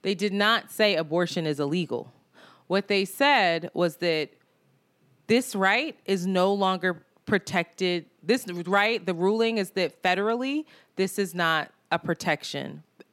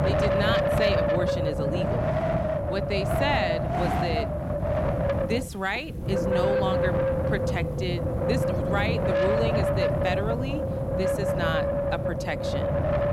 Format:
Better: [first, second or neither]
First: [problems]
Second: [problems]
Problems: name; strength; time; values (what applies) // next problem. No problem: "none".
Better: first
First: none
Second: wind noise on the microphone; heavy; 4 dB above the speech